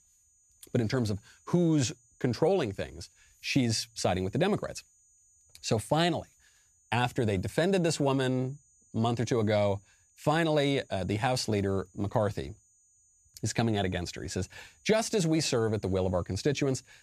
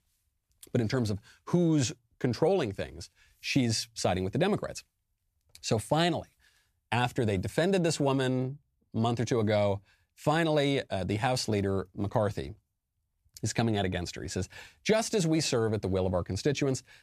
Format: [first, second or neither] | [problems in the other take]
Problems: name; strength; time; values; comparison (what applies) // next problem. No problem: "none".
second | high-pitched whine; faint; throughout; 7 kHz, 30 dB below the speech